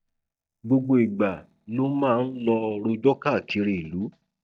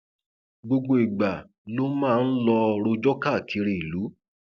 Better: second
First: noise reduction (neural mask model DeepFilterNet 3)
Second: none

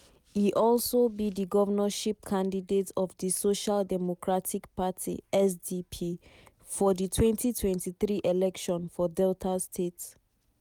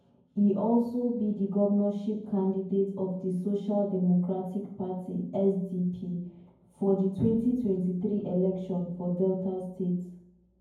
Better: first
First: none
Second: room echo; dies away in 0.9 s

